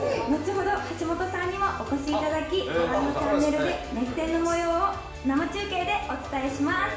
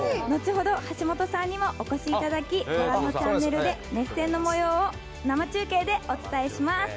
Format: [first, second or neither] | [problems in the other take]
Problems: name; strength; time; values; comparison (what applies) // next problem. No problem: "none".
second | room echo; dies away in 0.7 s